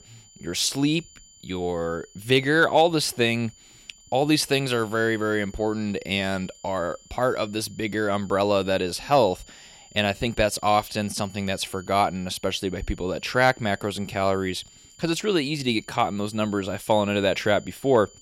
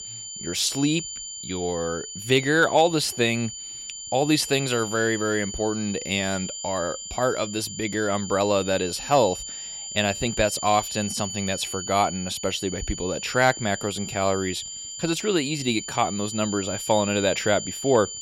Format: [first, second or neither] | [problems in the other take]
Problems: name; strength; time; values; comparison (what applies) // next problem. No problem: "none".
first | high-pitched whine; loud; throughout; 7 kHz, 8 dB below the speech; faint in the first